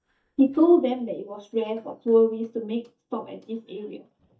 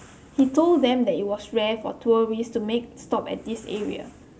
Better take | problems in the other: second | noise reduction (neural mask model DeepFilterNet 3)

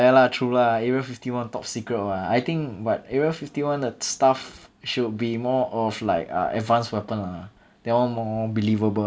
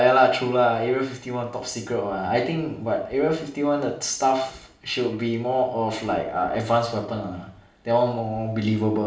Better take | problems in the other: first | room echo; dies away in 0.5 s

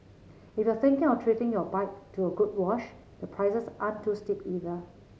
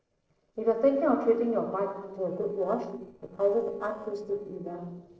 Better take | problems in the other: first | noise reduction (neural separator model SepFormer DNS4)

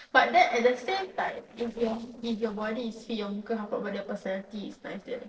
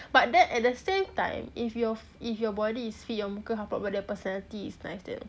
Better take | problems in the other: second | noise reduction (neural separator model SepFormer DNS4)

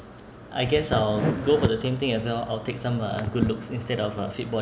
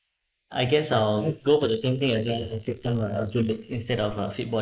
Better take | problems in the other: first | noise reduction (neural mask model Resemble Enhance denoiser)

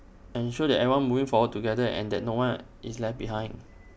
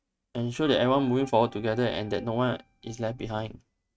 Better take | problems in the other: first | noise reduction (neural mask model RNNoise)

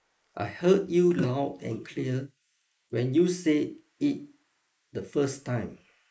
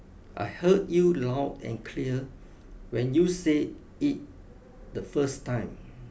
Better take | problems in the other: second | noise reduction (neural mask model Resemble Enhance denoiser)

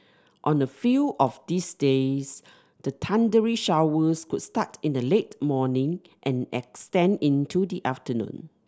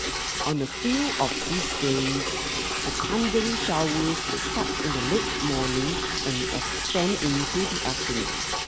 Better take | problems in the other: first | background sound (Liquid); as loud as the speech

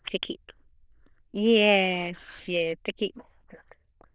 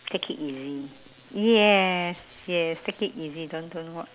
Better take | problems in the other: second | noise reduction (neural diffusion model UNIVERSE++)

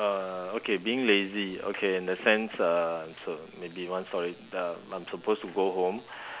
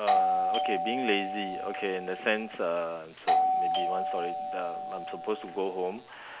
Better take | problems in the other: first | background sound (Doorbell); 3 dB above the speech

